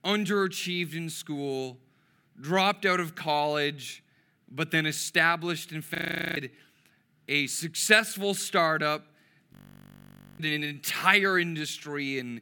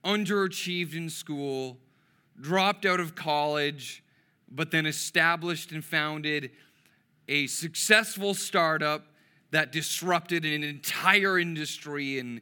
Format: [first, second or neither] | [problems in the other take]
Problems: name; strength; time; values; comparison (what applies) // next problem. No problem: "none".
second | audio freezing; at 6 s and at 9.5 s for 1 s